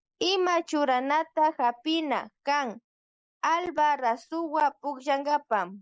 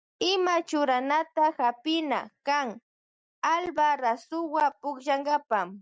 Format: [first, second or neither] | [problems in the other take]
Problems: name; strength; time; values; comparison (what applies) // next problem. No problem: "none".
second | noise reduction (neural mask model Resemble Enhance denoiser)